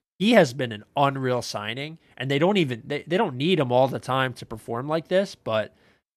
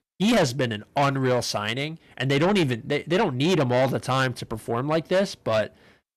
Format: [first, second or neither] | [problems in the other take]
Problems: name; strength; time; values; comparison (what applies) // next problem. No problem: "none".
first | distortion; heavy; 7 dB below the speech